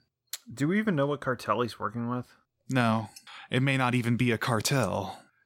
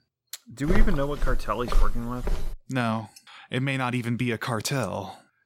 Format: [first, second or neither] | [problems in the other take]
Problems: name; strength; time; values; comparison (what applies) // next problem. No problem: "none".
first | footsteps; loud; from 0.5 to 2.5 s; peak level with the speech